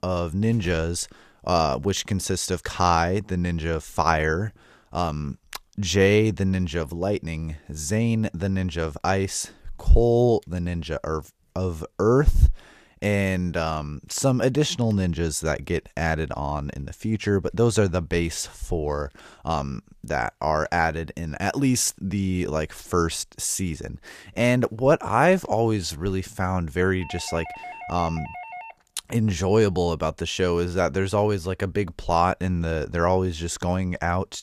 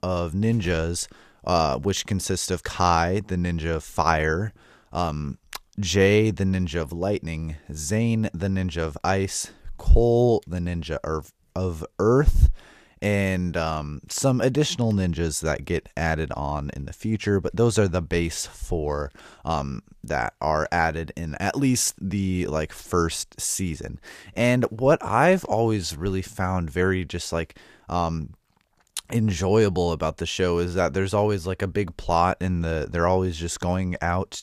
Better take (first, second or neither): second